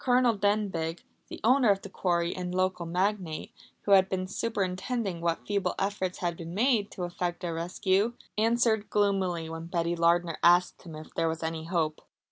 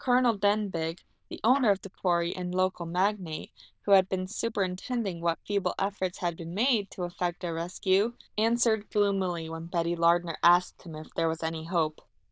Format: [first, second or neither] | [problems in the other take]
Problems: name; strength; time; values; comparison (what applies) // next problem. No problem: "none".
first | noise reduction (neural diffusion model UNIVERSE++)